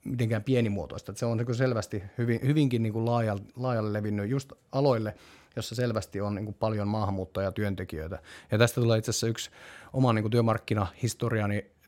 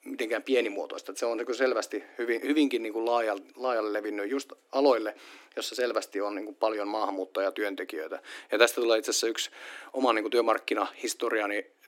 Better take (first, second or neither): first